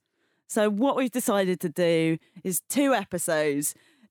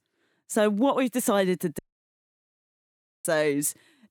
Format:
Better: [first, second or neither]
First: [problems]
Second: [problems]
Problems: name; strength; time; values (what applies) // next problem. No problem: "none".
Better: first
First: none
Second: audio cutting out; at 2 s for 1.5 s